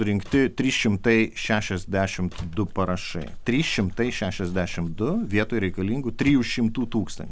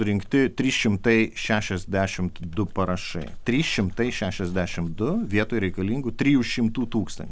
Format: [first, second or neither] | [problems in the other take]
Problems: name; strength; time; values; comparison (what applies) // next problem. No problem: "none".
second | background sound (Slam); 19 dB below the speech